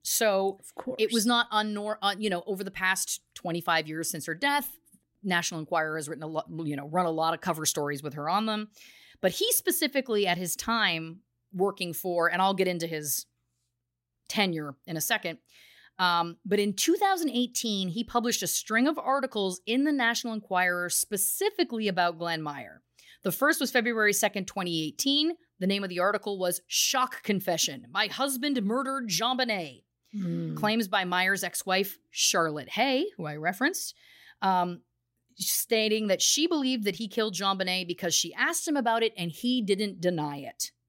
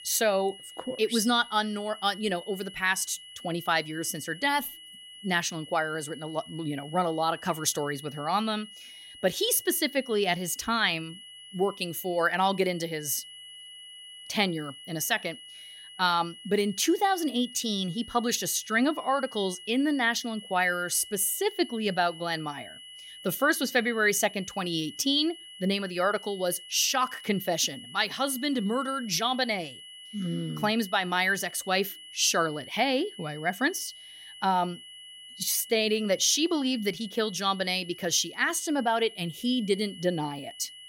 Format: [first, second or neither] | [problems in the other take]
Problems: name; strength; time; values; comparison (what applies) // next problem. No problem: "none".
first | high-pitched whine; noticeable; throughout; 3 kHz, 15 dB below the speech